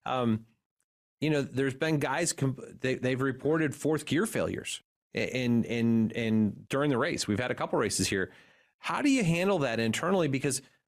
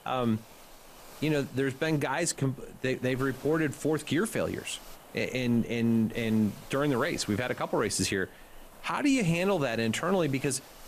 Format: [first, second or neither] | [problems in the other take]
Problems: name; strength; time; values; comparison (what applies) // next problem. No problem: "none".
first | hiss; faint; throughout; 20 dB below the speech